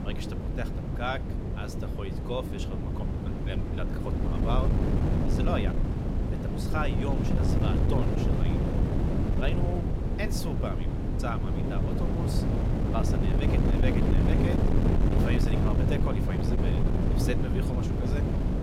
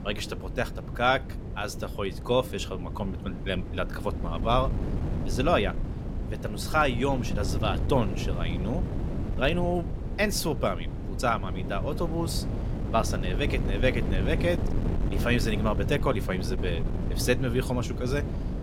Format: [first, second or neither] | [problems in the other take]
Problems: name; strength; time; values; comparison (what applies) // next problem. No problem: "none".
second | wind noise on the microphone; heavy; 2 dB above the speech; occasional gusts in the second